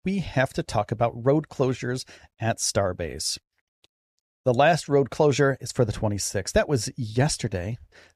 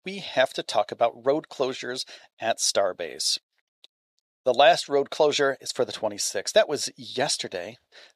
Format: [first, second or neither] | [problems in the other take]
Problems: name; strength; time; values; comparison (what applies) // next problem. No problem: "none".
first | thin; somewhat; fading below 400 Hz